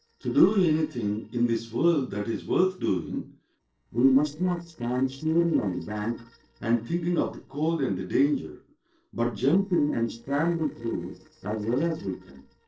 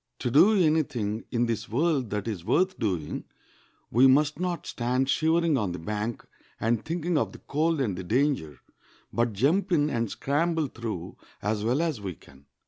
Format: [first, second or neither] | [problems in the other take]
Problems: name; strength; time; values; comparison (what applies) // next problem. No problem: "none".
second | noise reduction (neural separator model SepFormer DNS4)